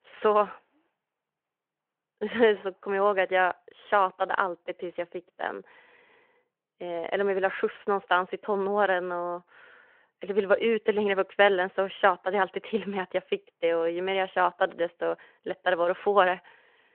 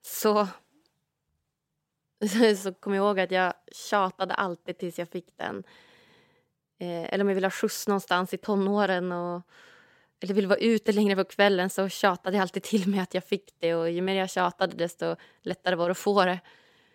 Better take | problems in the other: second | phone-call audio

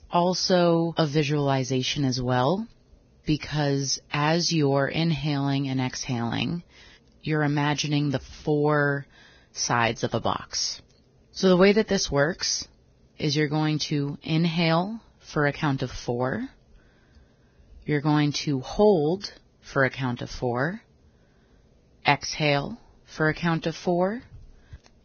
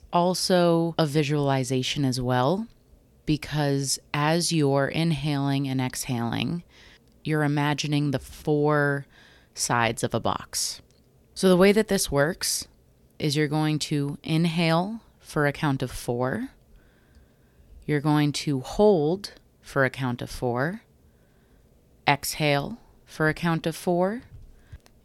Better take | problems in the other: second | garbled, watery; badly; nothing above 6.5 kHz

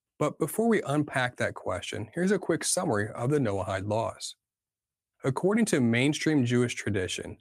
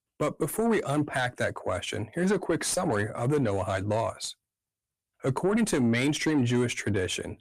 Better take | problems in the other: first | distortion; slight; 10 dB below the speech

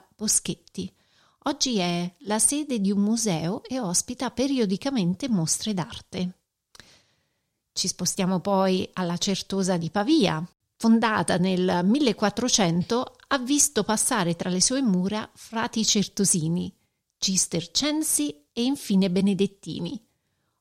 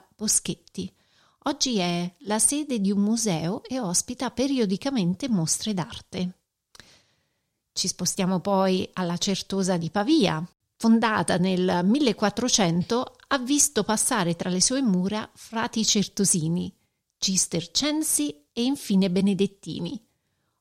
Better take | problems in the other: neither | none

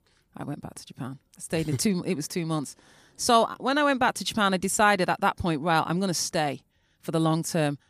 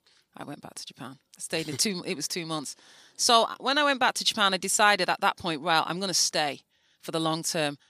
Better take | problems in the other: first | thin; very slightly; fading below 800 Hz

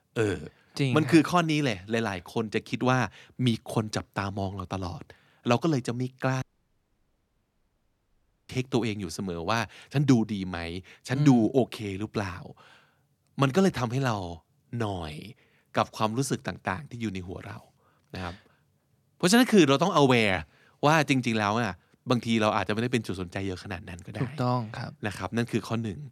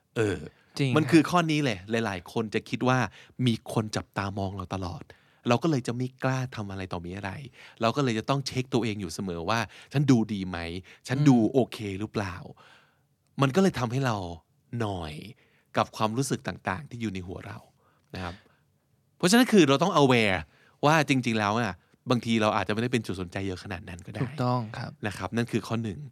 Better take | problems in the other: second | audio cutting out; at 6.5 s for 2 s

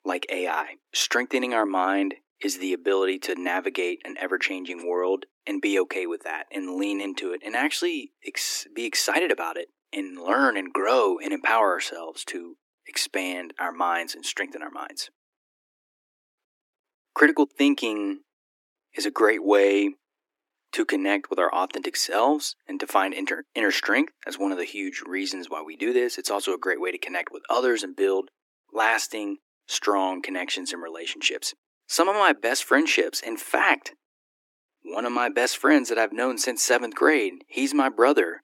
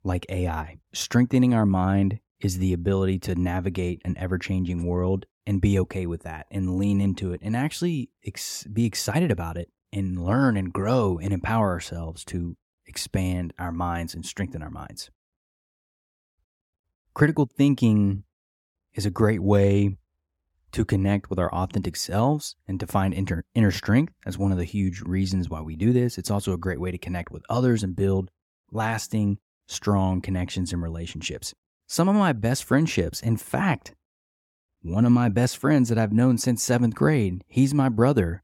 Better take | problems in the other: second | thin; somewhat; fading below 300 Hz

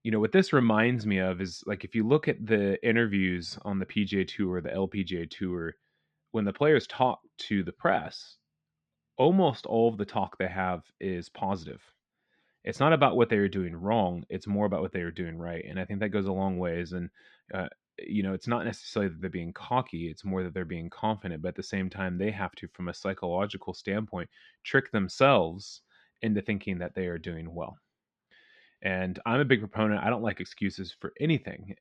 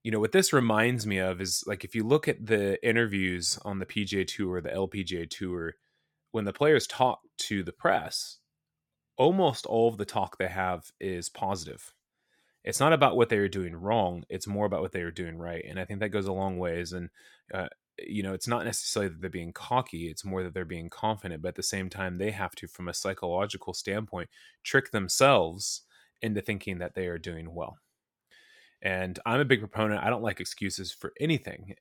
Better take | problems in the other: second | muffled; slightly; fading above 3.5 kHz

